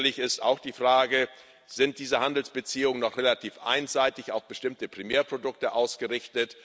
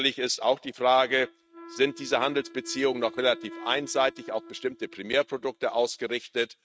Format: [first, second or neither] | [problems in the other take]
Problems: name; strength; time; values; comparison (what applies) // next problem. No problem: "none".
first | noise reduction (neural mask model RNNoise)